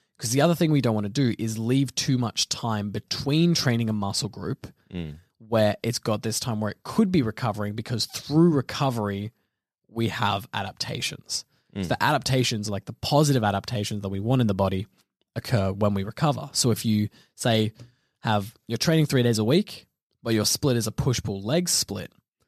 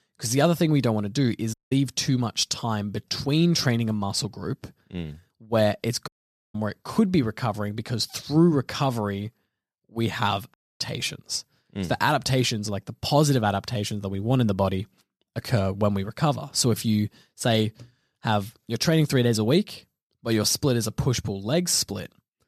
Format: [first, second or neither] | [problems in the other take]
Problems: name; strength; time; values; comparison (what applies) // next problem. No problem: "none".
first | audio cutting out; at 1.5 s, at 6 s and at 11 s